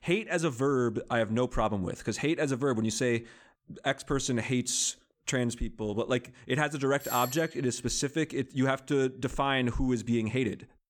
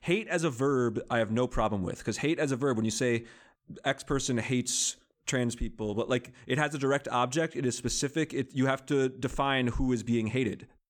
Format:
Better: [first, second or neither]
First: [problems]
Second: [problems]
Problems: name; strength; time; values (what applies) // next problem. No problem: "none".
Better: second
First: doorbell; noticeable; at 7 s; peak 7 dB below the speech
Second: none